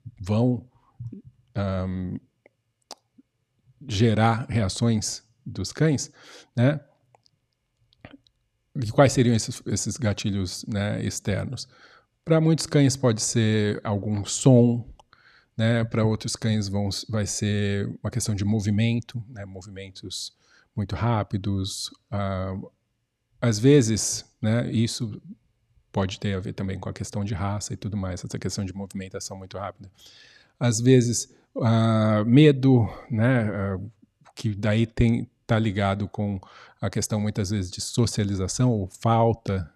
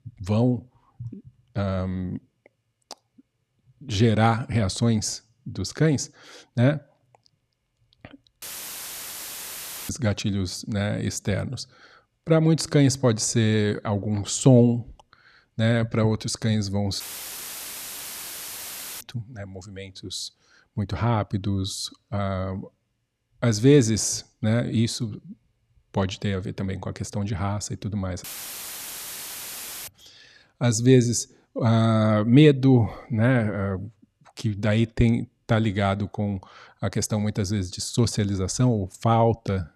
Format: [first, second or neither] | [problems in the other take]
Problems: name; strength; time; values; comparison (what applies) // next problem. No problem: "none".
first | audio cutting out; filled with static; at 8.5 s for 1.5 s, at 17 s for 2 s and at 28 s for 1.5 s